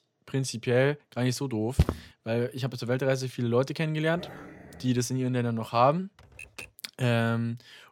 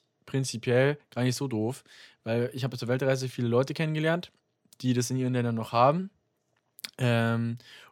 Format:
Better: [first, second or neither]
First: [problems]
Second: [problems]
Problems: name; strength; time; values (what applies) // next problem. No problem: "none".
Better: second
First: footsteps; noticeable; at 2 s; peak level with the speech // dog barking; faint; at 4 s; peak 15 dB below the speech // keyboard typing; faint; at 6 s; peak 15 dB below the speech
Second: none